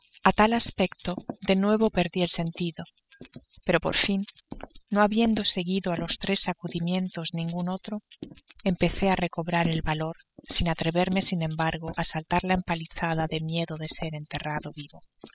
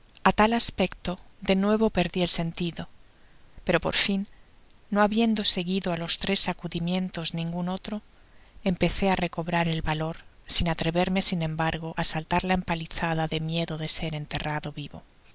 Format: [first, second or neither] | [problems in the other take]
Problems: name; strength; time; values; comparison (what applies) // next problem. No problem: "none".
second | noise reduction (classical method spectral subtraction)